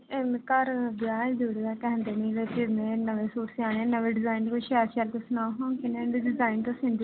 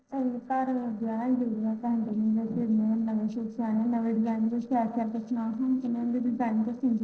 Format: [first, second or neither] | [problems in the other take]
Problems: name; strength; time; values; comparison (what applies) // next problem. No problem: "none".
first | noise reduction (neural separator model SepFormer DNS4)